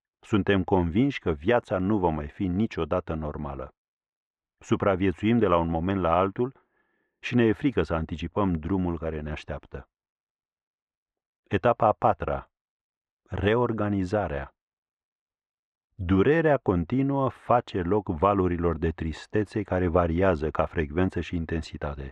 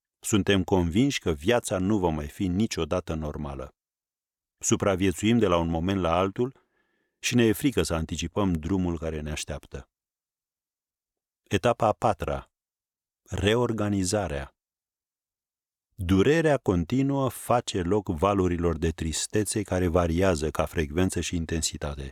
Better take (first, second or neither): second